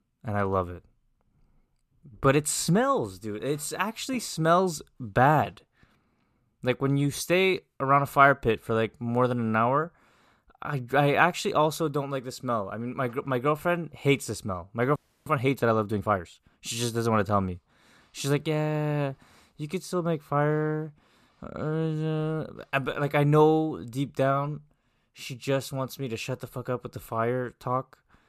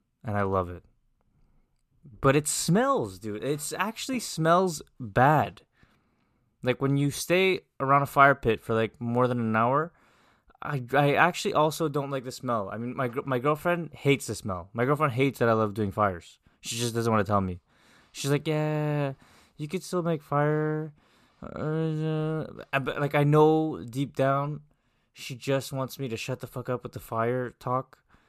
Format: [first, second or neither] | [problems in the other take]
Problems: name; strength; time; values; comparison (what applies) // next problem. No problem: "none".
second | audio freezing; at 15 s